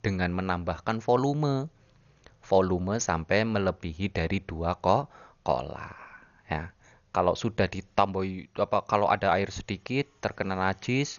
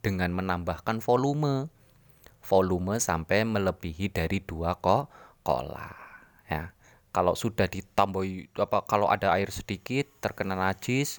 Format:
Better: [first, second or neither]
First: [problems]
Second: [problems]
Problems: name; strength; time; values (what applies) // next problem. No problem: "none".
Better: second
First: garbled, watery; slightly; nothing above 6.5 kHz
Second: none